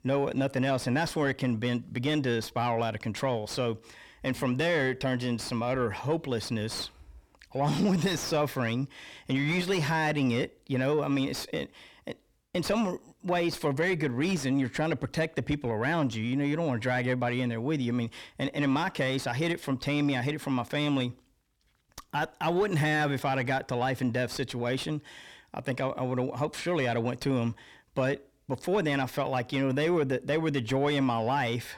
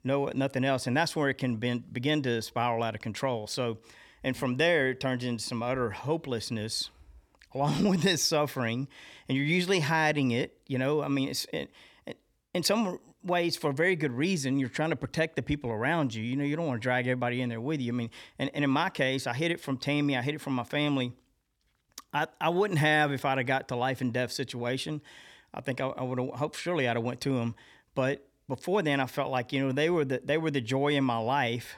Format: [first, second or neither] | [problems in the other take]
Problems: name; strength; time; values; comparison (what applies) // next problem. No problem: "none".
second | distortion; slight; 10 dB below the speech